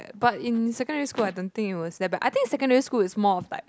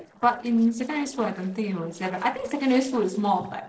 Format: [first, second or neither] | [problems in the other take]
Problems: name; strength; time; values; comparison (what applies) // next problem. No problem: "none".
first | noise reduction (neural separator model SepFormer DNS4)